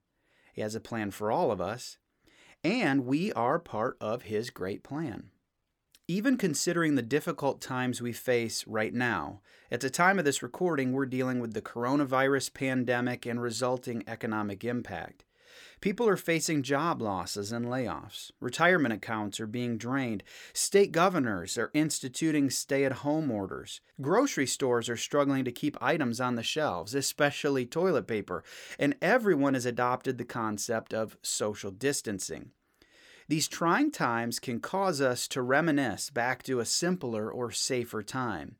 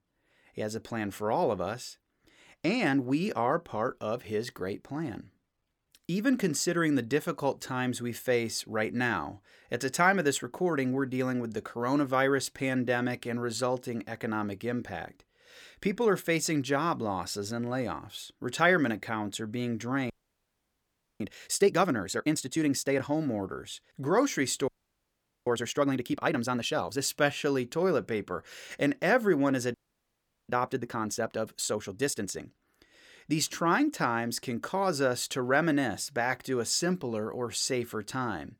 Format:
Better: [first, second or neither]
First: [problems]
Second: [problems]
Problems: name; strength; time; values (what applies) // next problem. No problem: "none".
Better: first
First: none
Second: audio freezing; at 20 s for 1 s, at 25 s for 1 s and at 30 s for 1 s